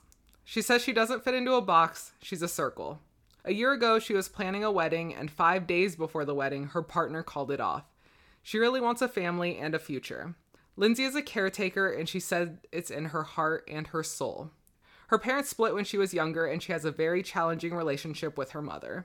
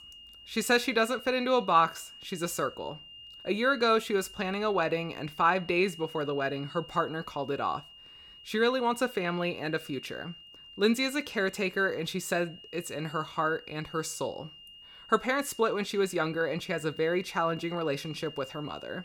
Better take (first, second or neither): first